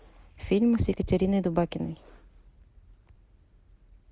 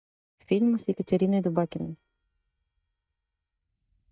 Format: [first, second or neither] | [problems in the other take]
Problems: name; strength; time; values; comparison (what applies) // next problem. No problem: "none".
first | noise reduction (neural mask model DeepFilterNet 3)